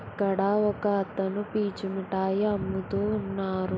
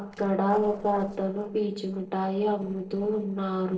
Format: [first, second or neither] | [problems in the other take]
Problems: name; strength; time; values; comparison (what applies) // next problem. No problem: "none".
first | noise reduction (neural separator model SepFormer DNS4)